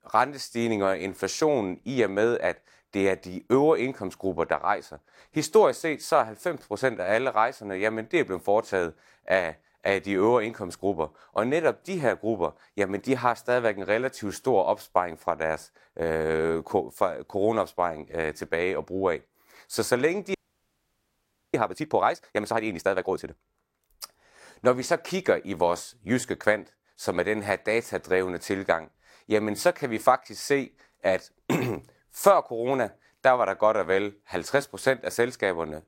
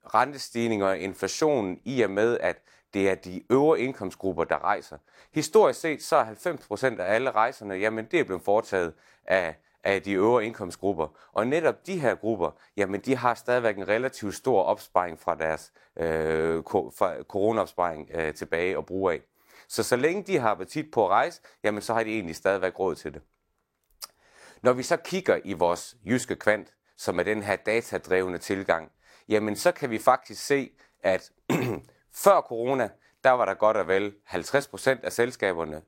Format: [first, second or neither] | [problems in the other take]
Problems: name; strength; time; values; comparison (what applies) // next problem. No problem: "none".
second | audio freezing; at 20 s for 1 s